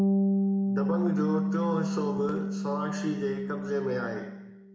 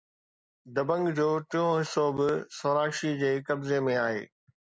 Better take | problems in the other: second | background sound (Bass guitar); 4 dB above the speech // room echo; dies away in 0.8 s

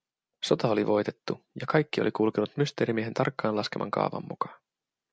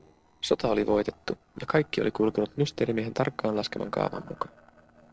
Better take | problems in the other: first | noise reduction (neural separator model SepFormer DNS4)

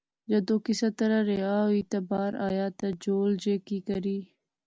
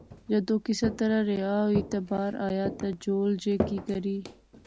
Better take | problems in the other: first | background sound (Walk, footsteps); 10 dB below the speech

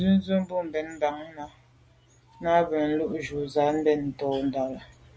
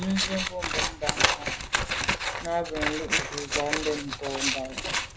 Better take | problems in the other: first | background sound (Scissors); 4 dB above the speech

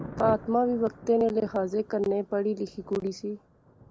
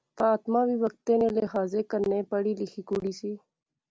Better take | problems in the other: second | background sound (Thunder); 15 dB below the speech

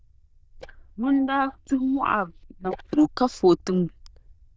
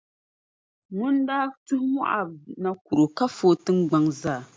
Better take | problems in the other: second | noise reduction (neural diffusion model UNIVERSE++)

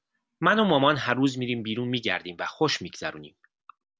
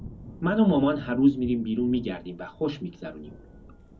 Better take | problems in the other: first | background sound (Thunder / Rain); 18 dB below the speech // room echo; dies away in 0.4 s

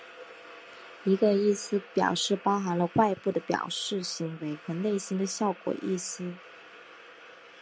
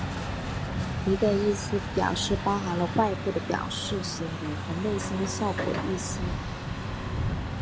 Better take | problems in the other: first | background sound (Truck); 2 dB below the speech

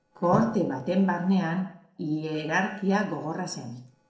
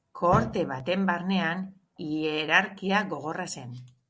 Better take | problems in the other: second | noise reduction (neural separator model SepFormer DNS4)

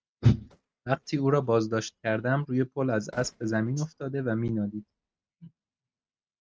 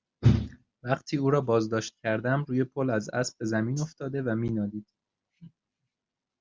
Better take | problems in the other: second | noise reduction (neural mask model RNNoise)

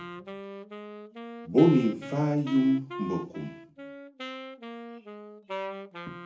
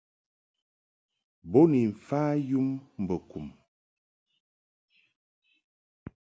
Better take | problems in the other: second | background sound (Wind instrument, woodwind instrument); 11 dB below the speech // room echo; dies away in 0.4 s

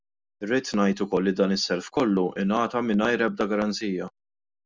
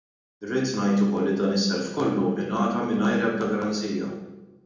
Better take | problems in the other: first | room echo; dies away in 0.9 s

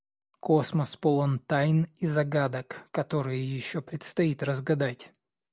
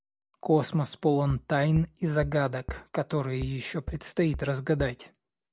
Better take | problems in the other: first | background sound (Bass drum); 13 dB below the speech

